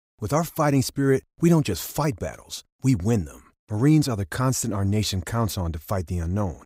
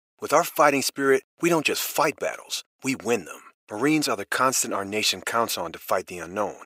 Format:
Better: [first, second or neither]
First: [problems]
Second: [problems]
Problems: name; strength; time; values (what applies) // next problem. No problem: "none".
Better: first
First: none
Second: thin; very; fading below 500 Hz